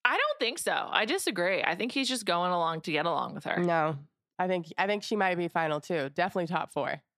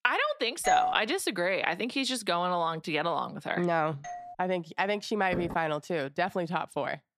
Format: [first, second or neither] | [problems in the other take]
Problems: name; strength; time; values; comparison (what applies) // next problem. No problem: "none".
first | doorbell; loud; at 0.5 s; peak 3 dB above the speech // doorbell; faint; at 4 s; peak 10 dB below the speech // door banging; noticeable; at 5.5 s; peak 9 dB below the speech